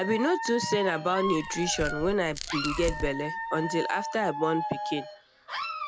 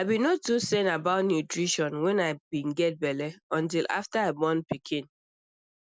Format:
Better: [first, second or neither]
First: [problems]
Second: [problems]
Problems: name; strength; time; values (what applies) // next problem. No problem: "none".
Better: second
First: background sound (Tearing + Alarm / Dog); 5 dB below the speech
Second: none